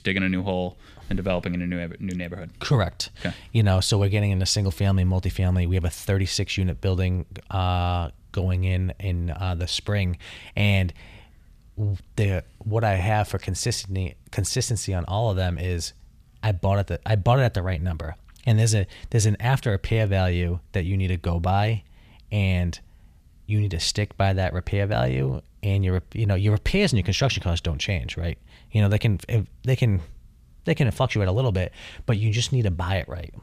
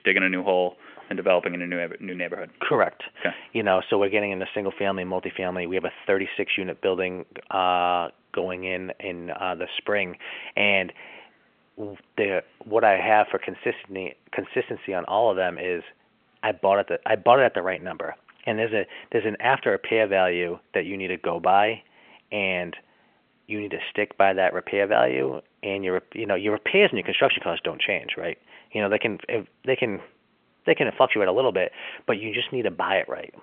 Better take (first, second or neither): first